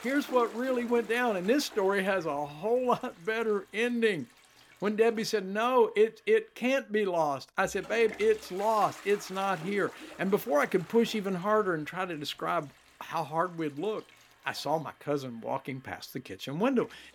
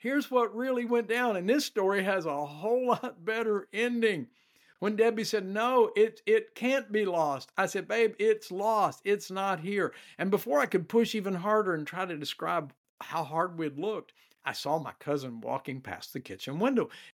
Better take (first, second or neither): second